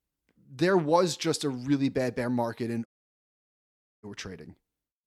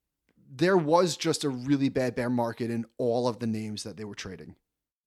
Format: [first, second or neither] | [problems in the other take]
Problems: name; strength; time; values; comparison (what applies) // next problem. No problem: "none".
second | audio cutting out; at 3 s for 1 s